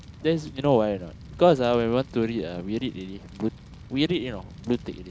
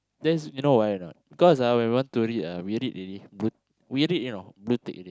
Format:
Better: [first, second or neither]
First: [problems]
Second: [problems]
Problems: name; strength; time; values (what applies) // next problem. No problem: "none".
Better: second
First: background sound (Fire); 18 dB below the speech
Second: none